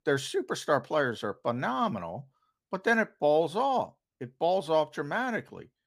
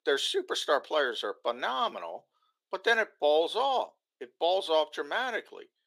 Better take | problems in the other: first | thin; somewhat; fading below 350 Hz

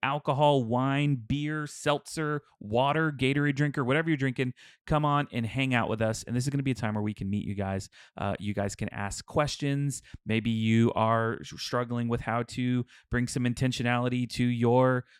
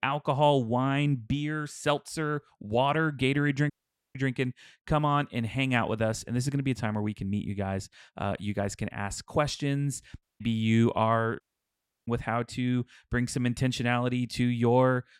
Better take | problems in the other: first | audio cutting out; at 3.5 s, at 10 s and at 11 s for 0.5 s

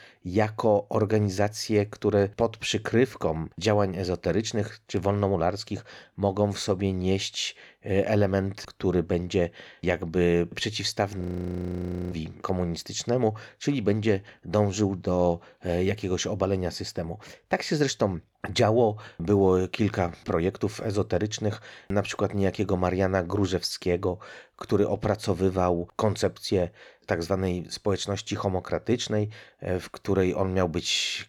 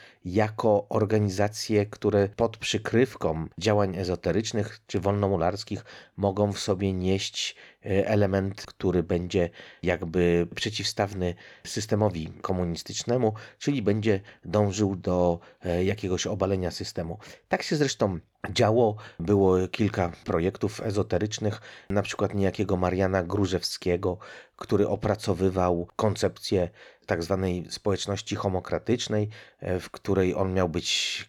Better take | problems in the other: second | audio freezing; at 11 s for 1 s

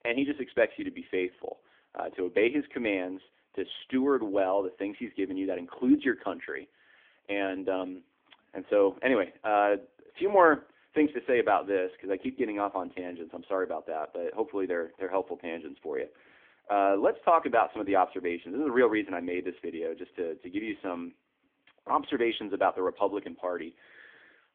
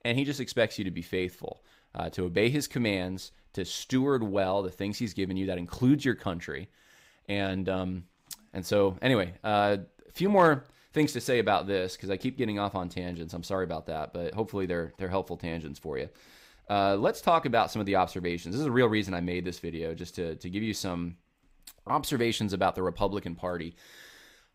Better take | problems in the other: second | phone-call audio; nothing above 3.5 kHz

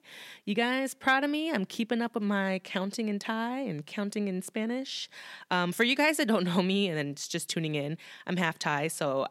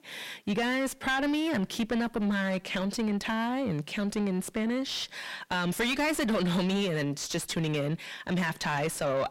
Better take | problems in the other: first | distortion; heavy; 5 dB below the speech

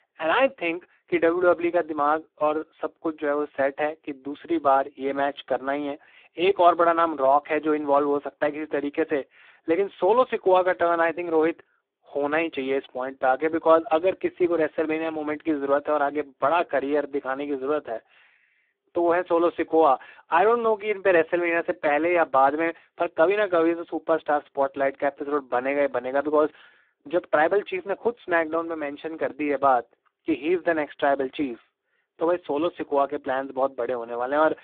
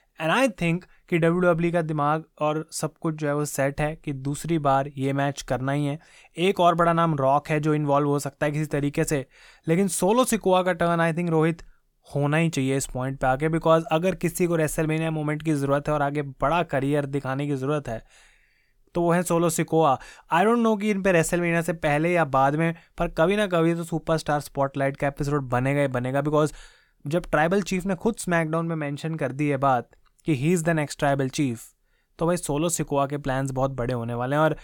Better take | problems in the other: second | phone-call audio; poor line; nothing above 3.5 kHz

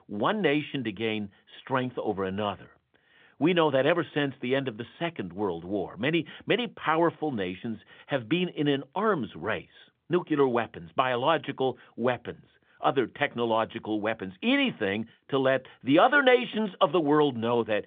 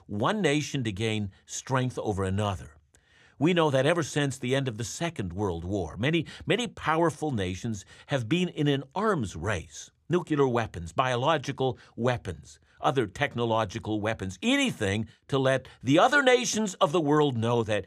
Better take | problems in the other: second | phone-call audio; nothing above 3.5 kHz

